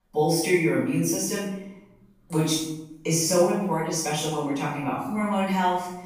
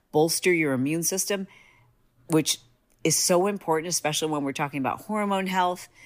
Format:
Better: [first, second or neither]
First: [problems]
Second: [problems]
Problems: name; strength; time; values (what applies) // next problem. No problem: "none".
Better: second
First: off-mic speech; far // room echo; strong; dies away in 0.7 s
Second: none